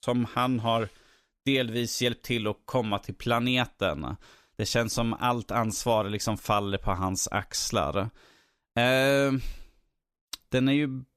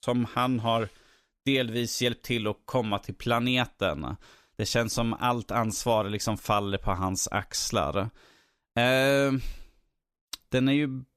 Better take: neither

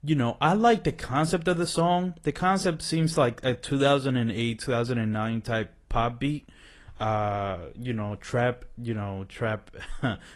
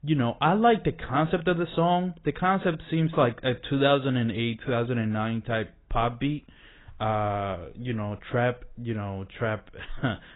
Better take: first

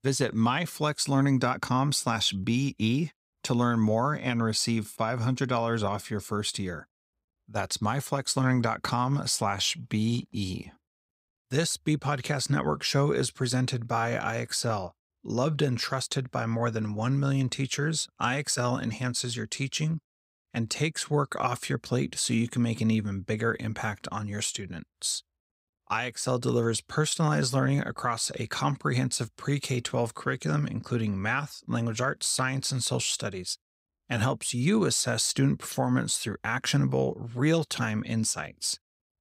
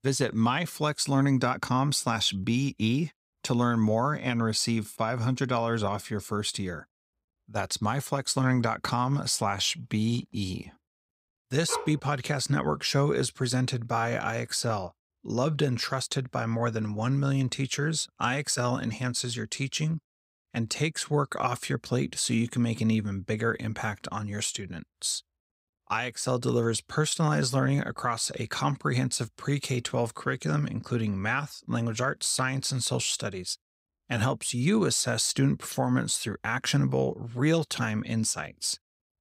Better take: first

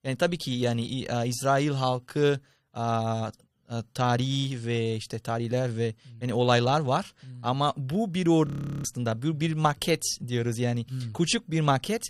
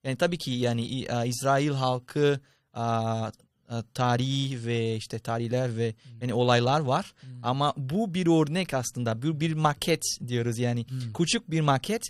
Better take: second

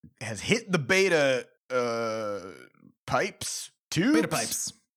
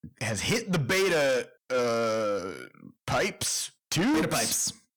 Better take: first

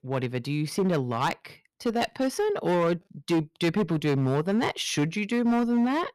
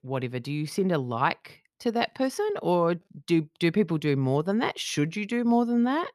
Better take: second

